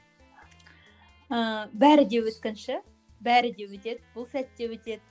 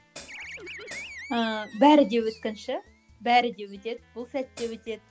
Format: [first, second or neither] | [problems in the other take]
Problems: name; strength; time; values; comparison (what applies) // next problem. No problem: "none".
first | background sound (Animal + Hi-hat); 17 dB below the speech